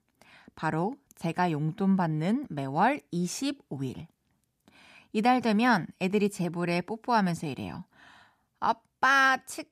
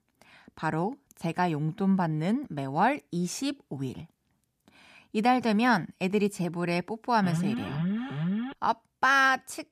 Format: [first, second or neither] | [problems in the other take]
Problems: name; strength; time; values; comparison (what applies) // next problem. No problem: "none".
first | alarm; noticeable; from 7 to 8.5 s; peak 3 dB below the speech